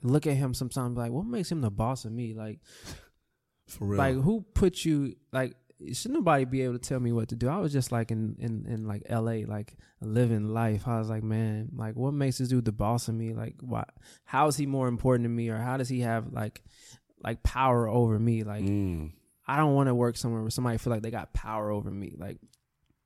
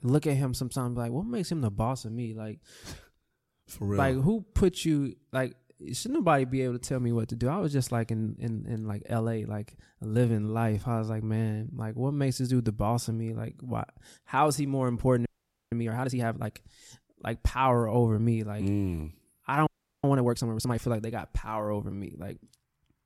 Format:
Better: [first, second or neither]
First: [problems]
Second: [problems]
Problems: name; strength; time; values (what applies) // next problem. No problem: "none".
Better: first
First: none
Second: audio freezing; at 15 s and at 20 s